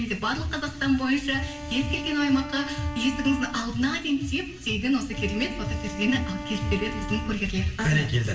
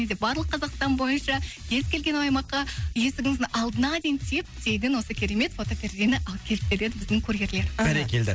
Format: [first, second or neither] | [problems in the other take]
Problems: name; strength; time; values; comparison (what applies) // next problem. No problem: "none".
second | background sound (Wind instrument, woodwind instrument); 13 dB below the speech // room echo; dies away in 0.7 s